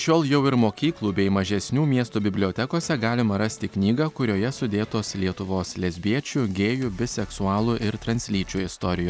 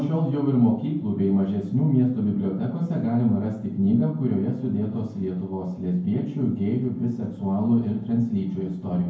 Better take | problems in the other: first | room echo; dies away in 0.9 s

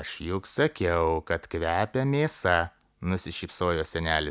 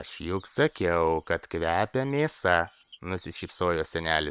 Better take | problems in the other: first | noise reduction (neural separator model SepFormer WHAM!)

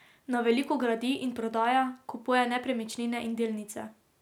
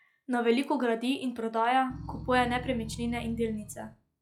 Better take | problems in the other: first | noise reduction (classical method log-MMSE)

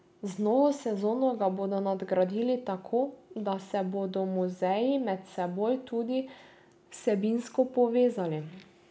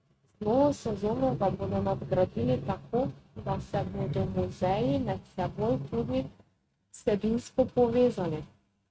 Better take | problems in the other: first | noise reduction (neural mask model RNNoise)

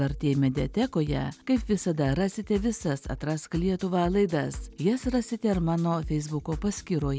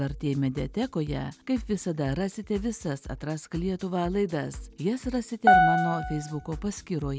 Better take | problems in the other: first | background sound (Piano); 5 dB above the speech

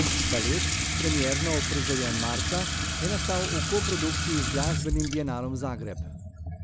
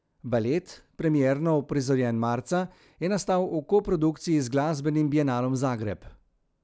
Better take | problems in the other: second | background sound (Sink (filling or washing) / Water tap, faucet); 3 dB above the speech

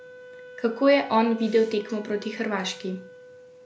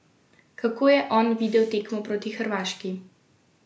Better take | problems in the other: second | background sound (Wind instrument, woodwind instrument); 19 dB below the speech

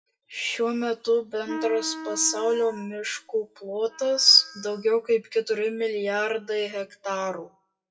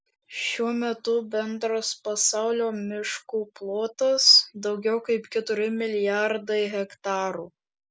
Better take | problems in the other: second | noise reduction (classical method WPE with log-MMSE)

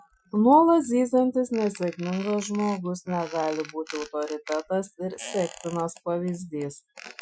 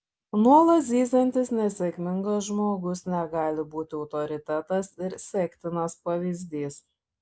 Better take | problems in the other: second | noise reduction (classical method Wiener filter)

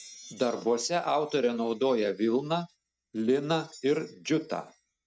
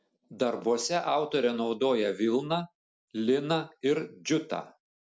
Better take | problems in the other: second | noise reduction (neural mask model RNNoise)

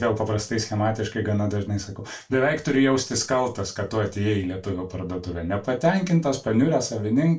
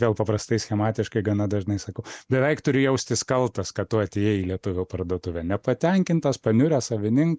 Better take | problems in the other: second | room echo; dies away in 0.2 s

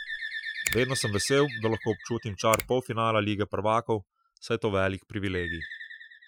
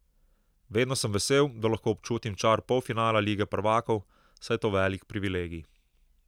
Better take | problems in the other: second | noise reduction (classical method Wiener filter)

